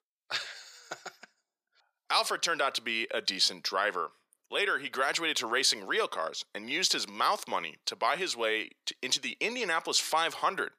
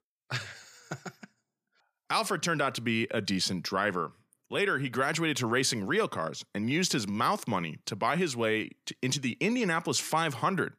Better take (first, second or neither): second